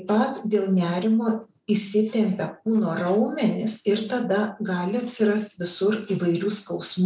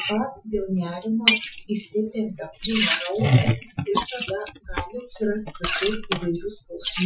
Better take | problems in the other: first | noise reduction (classical method Wiener filter)

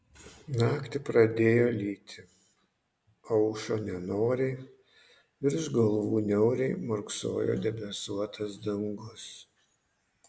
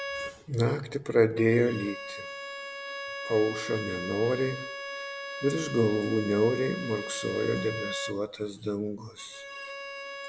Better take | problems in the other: first | background sound (Bowed string instrument); 9 dB below the speech

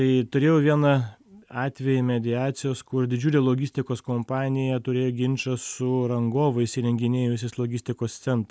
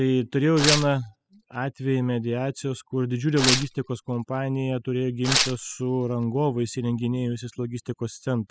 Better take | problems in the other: first | noise reduction (classical method spectral subtraction)

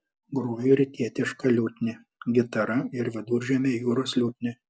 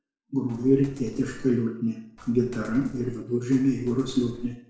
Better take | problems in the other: first | noise reduction (neural separator model SepFormer DNS4)

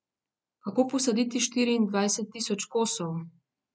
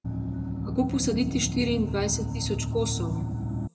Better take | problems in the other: first | background sound (Engine); 1 dB below the speech // room echo; dies away in 0.9 s

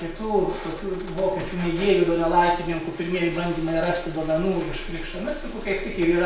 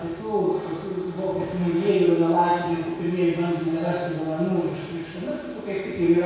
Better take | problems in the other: first | room echo; dies away in 1.1 s

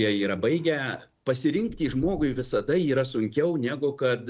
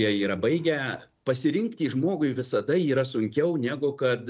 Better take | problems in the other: second | background sound (Knock / Wood); 19 dB below the speech

